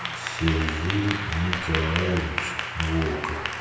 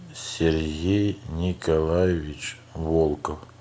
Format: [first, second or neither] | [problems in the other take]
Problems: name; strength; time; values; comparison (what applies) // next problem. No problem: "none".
second | background sound (Applause / Clapping); 4 dB below the speech // room echo; dies away in 1.2 s